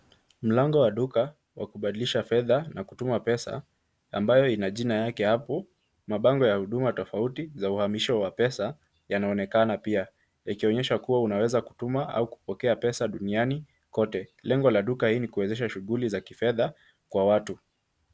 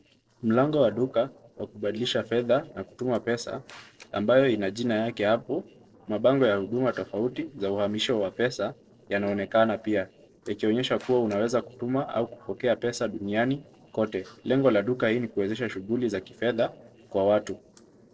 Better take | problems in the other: first | noise reduction (neural separator model SepFormer DNS4)

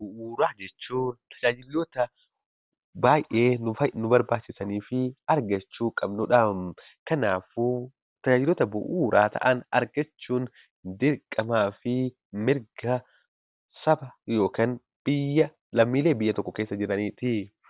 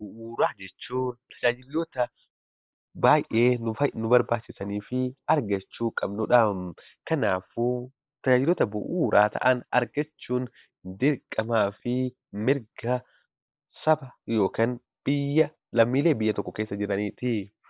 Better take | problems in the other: first | noise reduction (neural mask model Resemble Enhance denoiser)

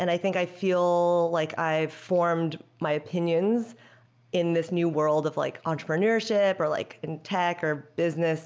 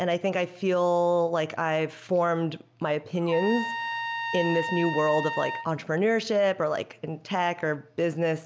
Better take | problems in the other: first | background sound (Trumpet); 6 dB below the speech

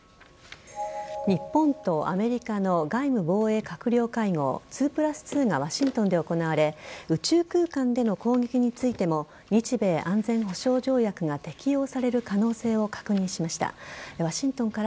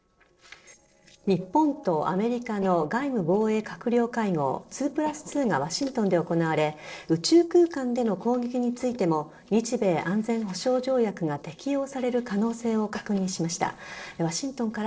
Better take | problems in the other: first | noise reduction (neural separator model SepFormer DNS4)

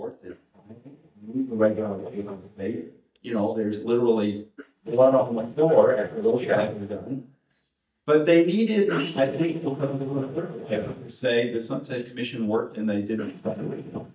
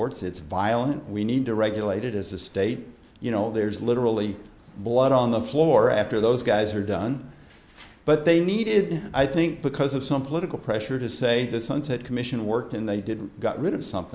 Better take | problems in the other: second | noise reduction (neural mask model DeepFilterNet 3)

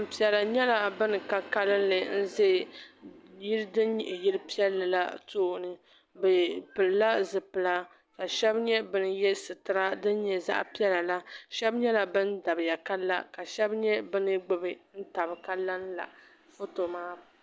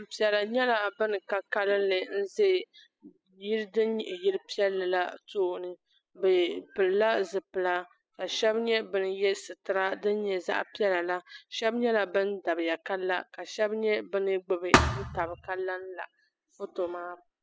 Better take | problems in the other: first | noise reduction (classical method spectral subtraction)

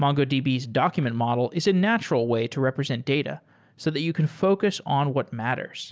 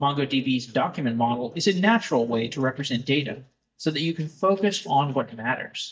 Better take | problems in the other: first | noise reduction (neural mask model DeepFilterNet 3)

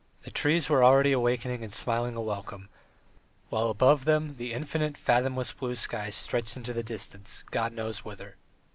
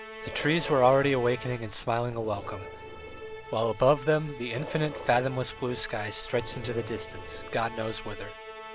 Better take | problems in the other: first | background sound (Dog + Musical instrument); 12 dB below the speech

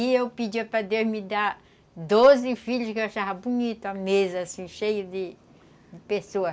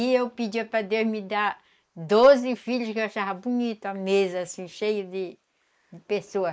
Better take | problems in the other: first | noise reduction (neural mask model Resemble Enhance denoiser)

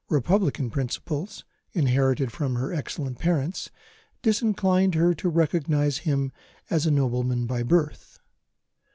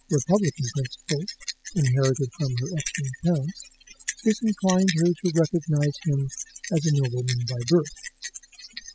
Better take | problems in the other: first | noise reduction (classical method spectral subtraction)

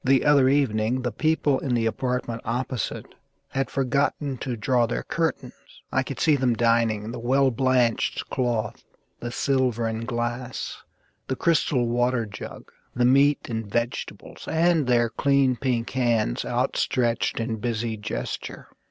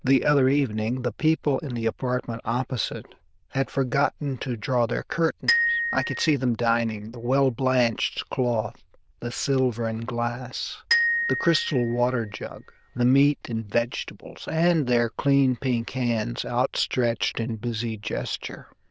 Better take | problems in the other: first | noise reduction (neural diffusion model UNIVERSE++)

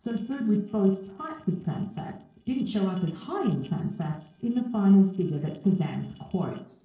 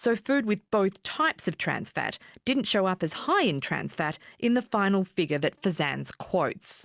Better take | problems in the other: second | noise reduction (neural separator model SepFormer DNS4)

